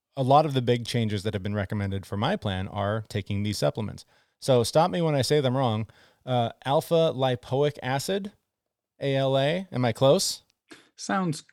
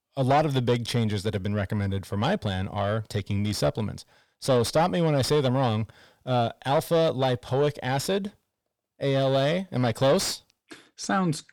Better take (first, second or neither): first